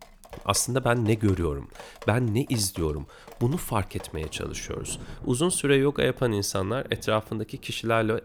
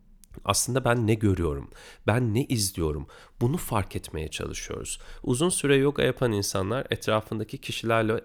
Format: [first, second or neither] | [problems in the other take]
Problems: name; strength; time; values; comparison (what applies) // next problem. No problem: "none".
second | rain or running water; faint; throughout; 20 dB below the speech